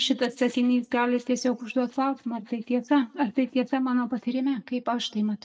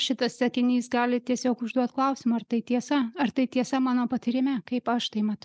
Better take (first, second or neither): second